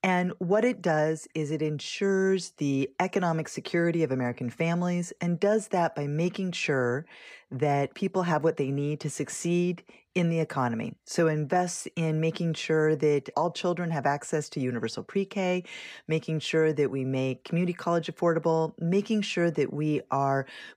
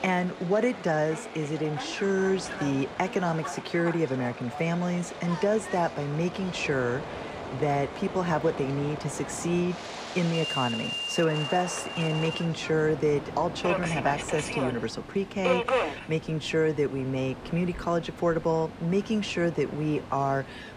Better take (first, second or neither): first